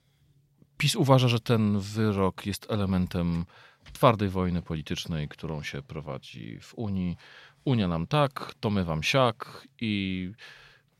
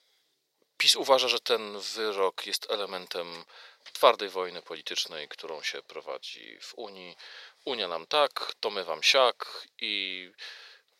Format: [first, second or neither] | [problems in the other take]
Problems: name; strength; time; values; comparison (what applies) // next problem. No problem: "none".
first | thin; very; fading below 450 Hz